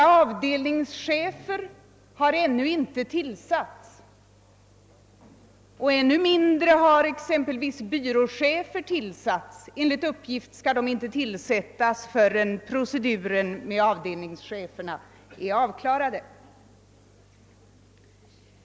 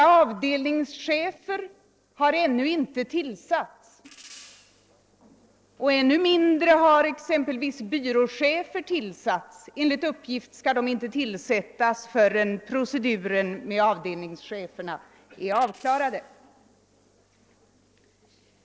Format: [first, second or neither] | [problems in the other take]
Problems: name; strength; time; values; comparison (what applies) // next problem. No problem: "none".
first | noise reduction (neural separator model SepFormer DNS4)